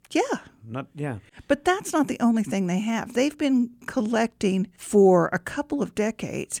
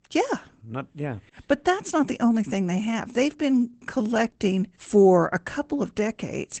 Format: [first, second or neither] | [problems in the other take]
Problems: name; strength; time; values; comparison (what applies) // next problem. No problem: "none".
first | garbled, watery; badly; nothing above 8 kHz